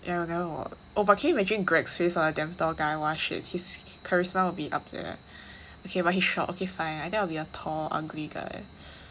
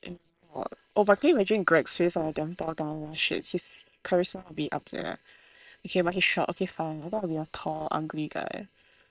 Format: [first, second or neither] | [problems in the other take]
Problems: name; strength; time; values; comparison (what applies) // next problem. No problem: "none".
first | noise reduction (neural separator model SepFormer WHAM!)